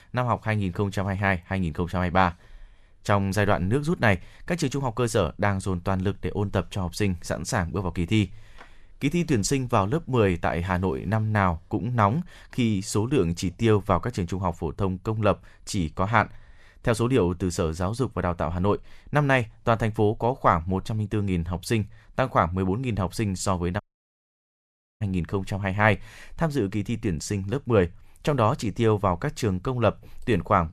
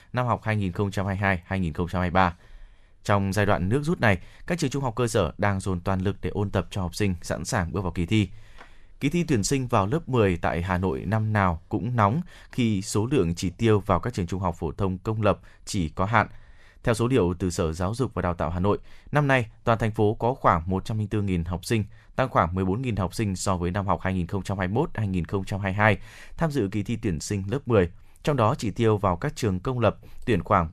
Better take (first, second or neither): second